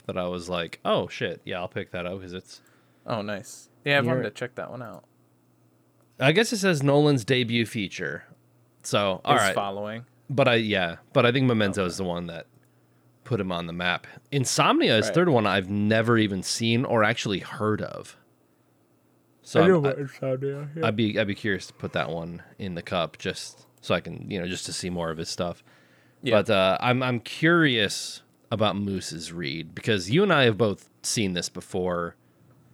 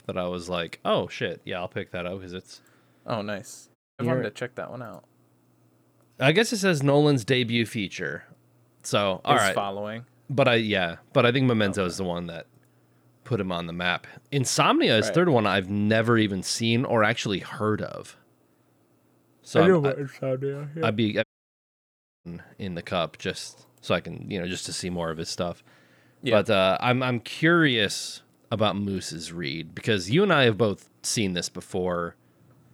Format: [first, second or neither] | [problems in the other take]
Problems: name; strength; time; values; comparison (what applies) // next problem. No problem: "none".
first | audio cutting out; at 4 s and at 21 s for 1 s